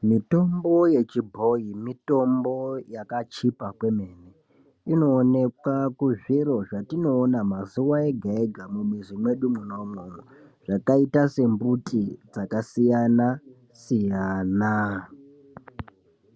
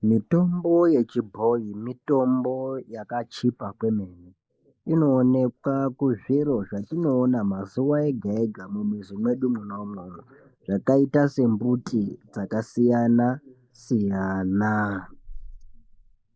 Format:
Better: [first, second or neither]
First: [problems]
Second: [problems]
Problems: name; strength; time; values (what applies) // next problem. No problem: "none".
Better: first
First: none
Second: noise reduction (neural mask model Resemble Enhance denoiser)